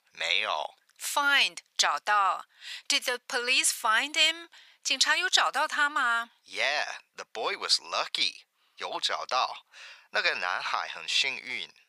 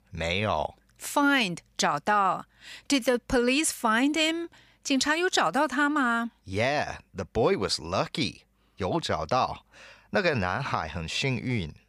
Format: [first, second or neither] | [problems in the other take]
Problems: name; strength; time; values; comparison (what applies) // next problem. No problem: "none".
second | thin; very; fading below 950 Hz